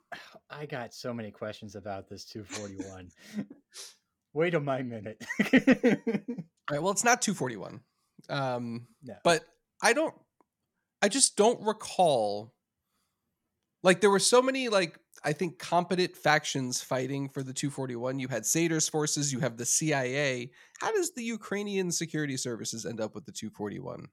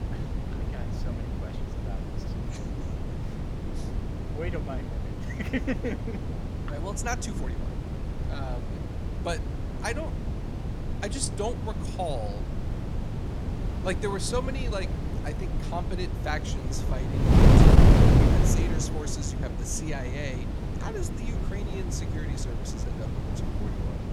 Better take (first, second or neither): first